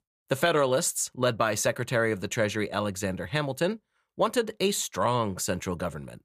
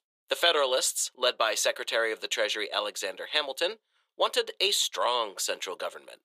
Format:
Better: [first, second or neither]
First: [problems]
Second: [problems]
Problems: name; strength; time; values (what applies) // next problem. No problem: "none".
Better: first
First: none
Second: thin; very; fading below 400 Hz